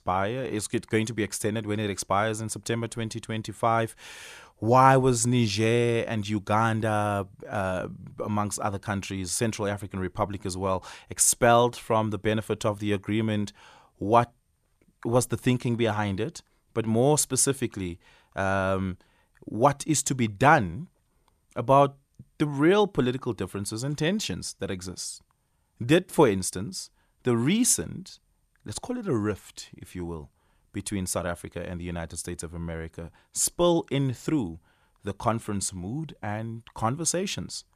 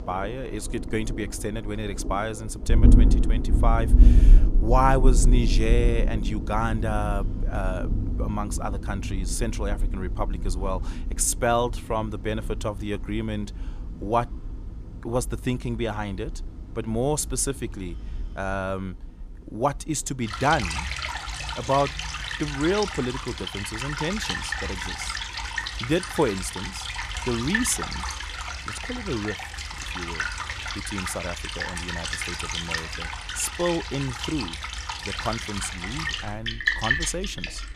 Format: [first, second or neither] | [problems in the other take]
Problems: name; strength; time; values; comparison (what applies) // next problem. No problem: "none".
first | rain or running water; very loud; throughout; 1 dB above the speech